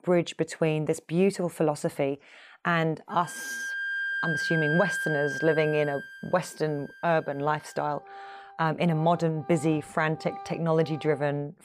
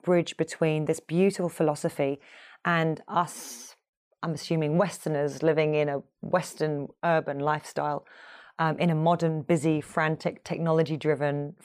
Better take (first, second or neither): second